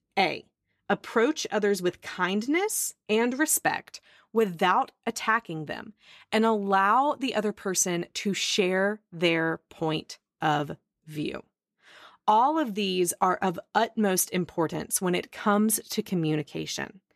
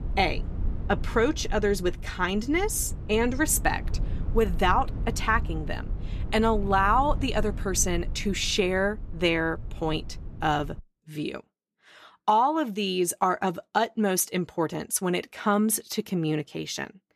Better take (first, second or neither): first